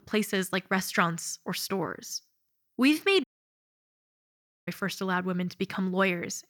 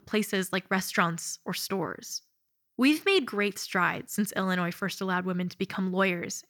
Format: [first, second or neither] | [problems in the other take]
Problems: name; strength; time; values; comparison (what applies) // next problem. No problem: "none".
second | audio cutting out; at 3 s for 1.5 s